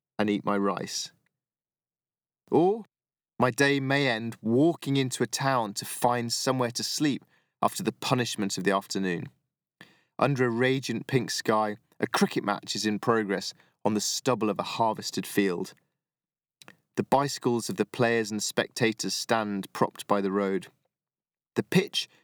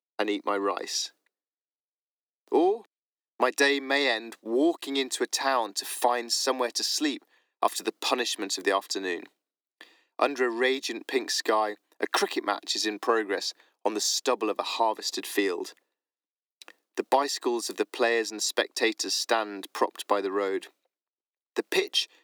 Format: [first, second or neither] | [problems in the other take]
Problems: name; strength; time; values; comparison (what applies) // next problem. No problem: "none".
first | thin; somewhat; fading below 300 Hz